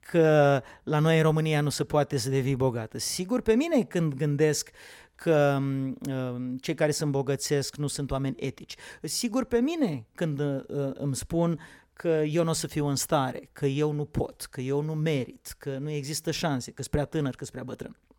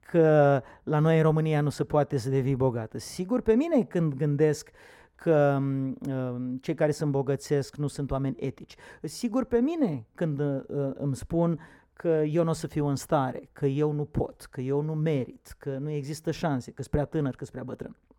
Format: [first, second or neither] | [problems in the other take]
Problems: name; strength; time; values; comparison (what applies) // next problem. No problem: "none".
first | muffled; slightly; fading above 2 kHz